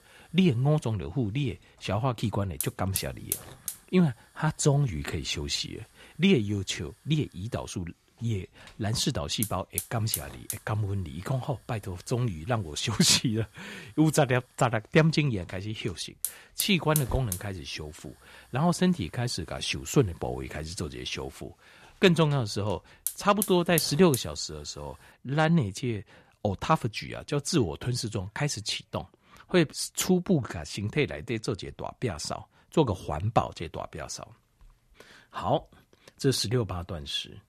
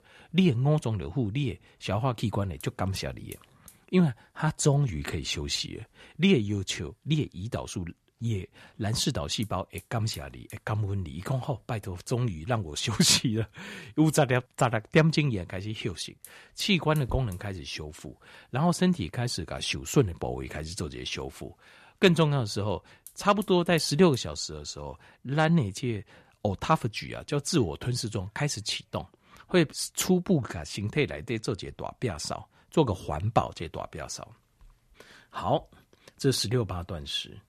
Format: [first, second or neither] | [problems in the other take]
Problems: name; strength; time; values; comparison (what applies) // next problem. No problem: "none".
second | hiss; loud; until 25 s; 6 dB below the speech; faint in the second